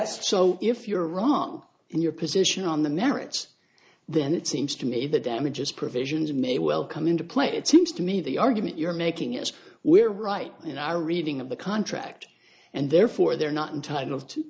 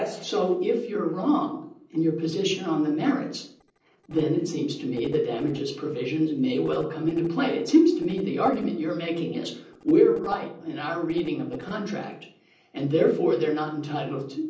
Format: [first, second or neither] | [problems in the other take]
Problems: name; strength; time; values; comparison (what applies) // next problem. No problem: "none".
first | noise reduction (neural separator model SepFormer DNS4)